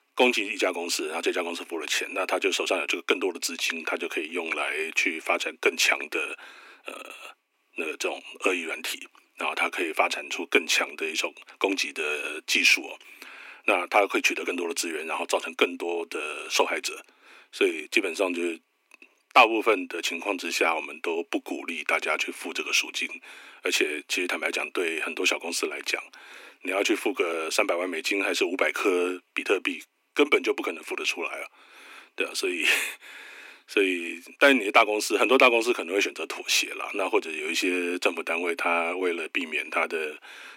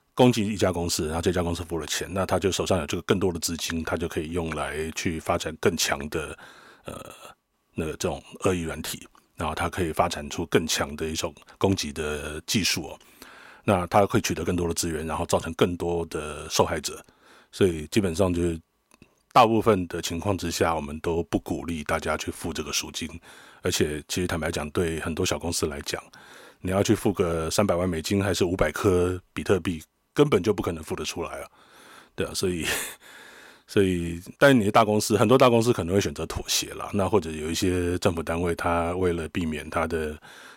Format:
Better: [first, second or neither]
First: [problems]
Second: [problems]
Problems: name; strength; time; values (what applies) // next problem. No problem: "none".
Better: second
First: thin; somewhat; fading below 250 Hz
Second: none